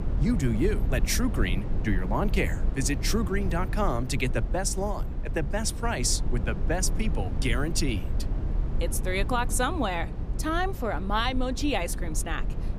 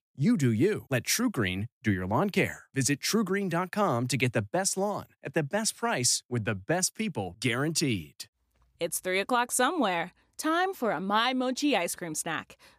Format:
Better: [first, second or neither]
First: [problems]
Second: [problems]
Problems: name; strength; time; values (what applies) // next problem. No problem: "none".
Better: second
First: low rumble; noticeable; throughout; 15 dB below the speech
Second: none